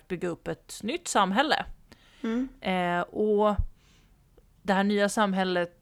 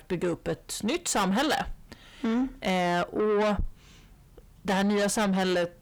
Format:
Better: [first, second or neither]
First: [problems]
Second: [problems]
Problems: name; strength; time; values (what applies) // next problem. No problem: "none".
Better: first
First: none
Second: distortion; heavy; 6 dB below the speech